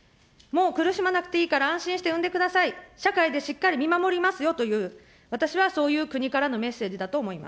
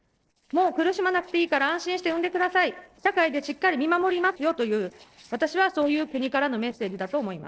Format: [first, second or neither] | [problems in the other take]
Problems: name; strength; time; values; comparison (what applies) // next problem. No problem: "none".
first | noise reduction (neural separator model SepFormer DNS4)